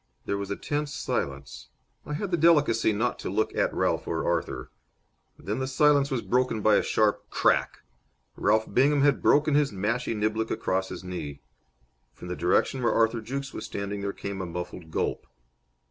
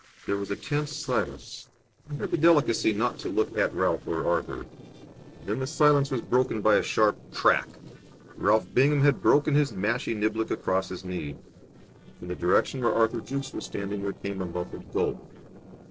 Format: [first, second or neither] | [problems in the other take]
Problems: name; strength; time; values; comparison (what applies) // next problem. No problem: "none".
first | noise reduction (neural separator model SepFormer DNS4)